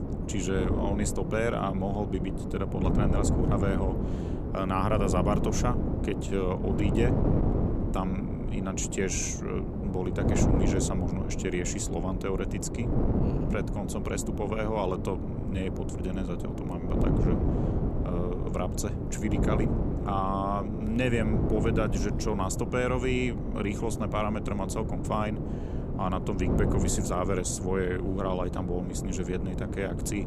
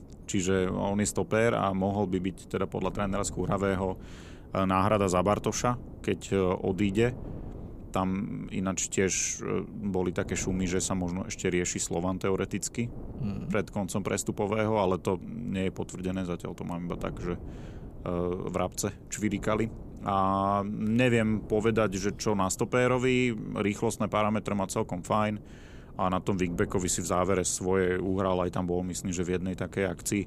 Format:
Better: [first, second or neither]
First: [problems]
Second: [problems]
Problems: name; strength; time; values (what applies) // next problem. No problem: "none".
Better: second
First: wind noise on the microphone; heavy; 4 dB below the speech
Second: wind noise on the microphone; occasional gusts; 20 dB below the speech